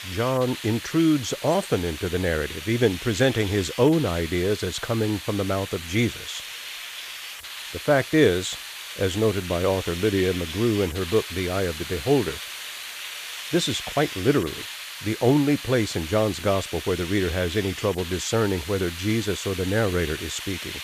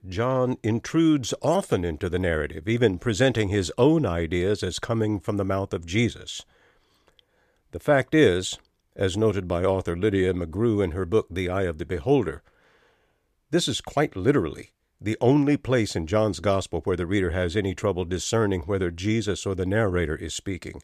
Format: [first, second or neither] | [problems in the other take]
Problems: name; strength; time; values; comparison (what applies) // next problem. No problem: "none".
second | hiss; loud; throughout; 9 dB below the speech